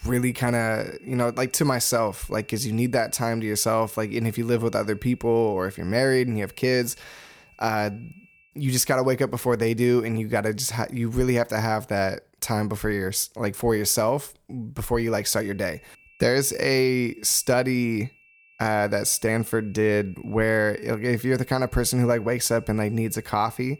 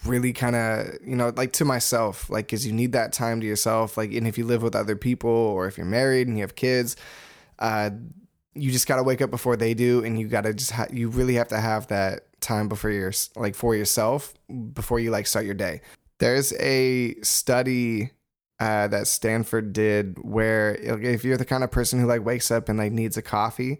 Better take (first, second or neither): second